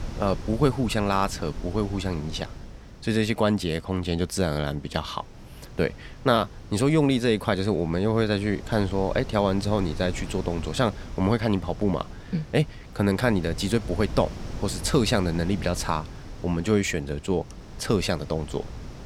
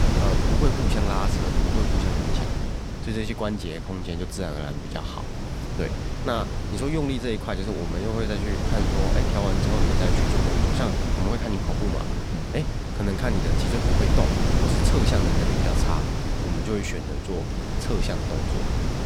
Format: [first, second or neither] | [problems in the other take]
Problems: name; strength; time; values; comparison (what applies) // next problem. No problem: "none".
first | wind noise on the microphone; heavy; 1 dB above the speech; occasional gusts in the first